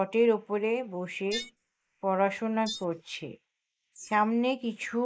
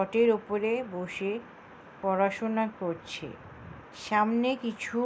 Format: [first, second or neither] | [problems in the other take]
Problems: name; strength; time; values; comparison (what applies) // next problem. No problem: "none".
second | noise reduction (neural mask model Resemble Enhance denoiser)